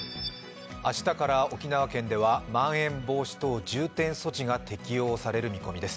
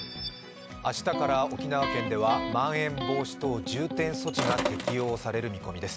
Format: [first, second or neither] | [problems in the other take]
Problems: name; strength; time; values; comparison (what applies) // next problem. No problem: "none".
first | background sound (Sink (filling or washing) + Electric guitar); 3 dB below the speech